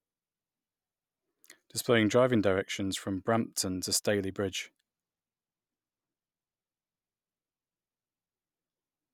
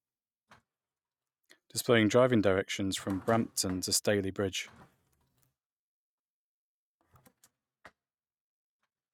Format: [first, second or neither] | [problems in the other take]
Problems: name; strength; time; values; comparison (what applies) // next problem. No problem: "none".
first | noise reduction (neural mask model RNNoise)